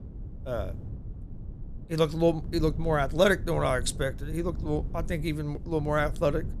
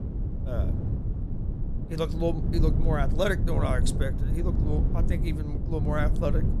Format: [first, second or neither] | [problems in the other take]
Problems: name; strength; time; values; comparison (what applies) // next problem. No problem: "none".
first | low rumble; loud; throughout; 8 dB below the speech; faint in the first